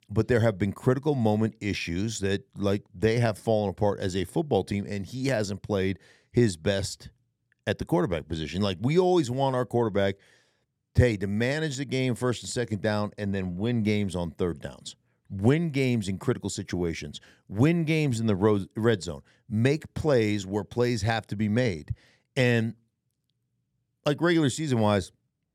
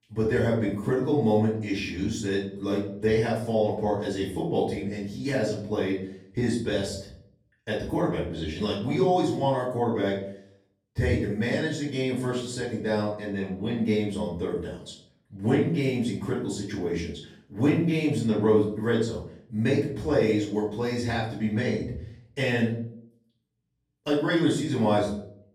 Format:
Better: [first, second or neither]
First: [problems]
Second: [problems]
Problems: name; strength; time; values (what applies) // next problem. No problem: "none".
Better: first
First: none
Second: room echo; noticeable; dies away in 0.5 s // off-mic speech; far